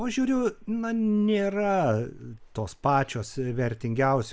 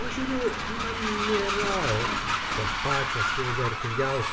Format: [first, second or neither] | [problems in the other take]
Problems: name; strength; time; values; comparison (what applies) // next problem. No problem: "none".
first | background sound (Train); 1 dB above the speech // room echo; dies away in 0.7 s